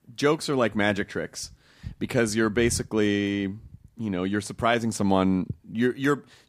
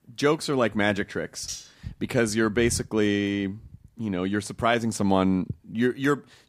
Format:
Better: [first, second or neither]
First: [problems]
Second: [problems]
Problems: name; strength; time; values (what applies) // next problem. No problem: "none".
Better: first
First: none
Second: clattering dishes; faint; at 1.5 s; peak 10 dB below the speech